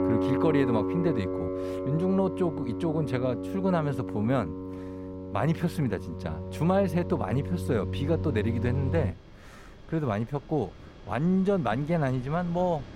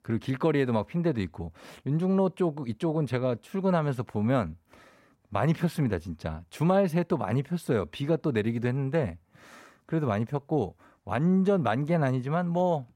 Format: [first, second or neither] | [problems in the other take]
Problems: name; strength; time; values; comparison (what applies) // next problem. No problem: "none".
second | background music; loud; throughout; 4 dB below the speech